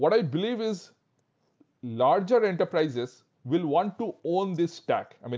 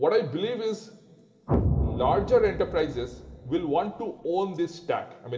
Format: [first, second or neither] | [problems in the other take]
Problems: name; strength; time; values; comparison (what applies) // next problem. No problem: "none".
first | background sound (Explosion); 4 dB below the speech // room echo; dies away in 2.6 s